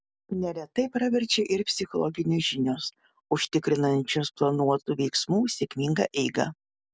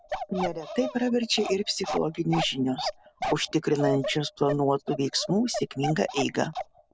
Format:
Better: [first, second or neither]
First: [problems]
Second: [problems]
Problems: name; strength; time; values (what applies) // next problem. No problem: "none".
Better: first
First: none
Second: background sound (Bark); 8 dB below the speech